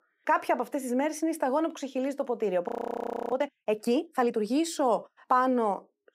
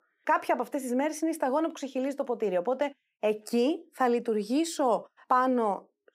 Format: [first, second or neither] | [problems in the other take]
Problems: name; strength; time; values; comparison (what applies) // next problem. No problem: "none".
second | audio freezing; at 2.5 s for 0.5 s